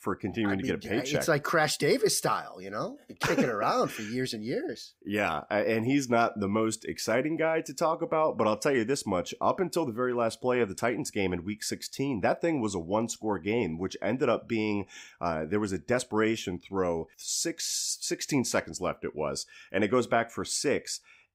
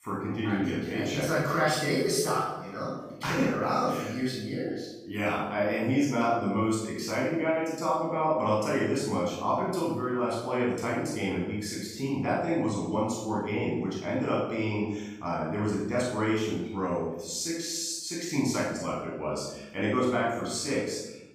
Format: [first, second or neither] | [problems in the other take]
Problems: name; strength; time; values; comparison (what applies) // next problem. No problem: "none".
first | off-mic speech; far // room echo; strong; dies away in 0.8 s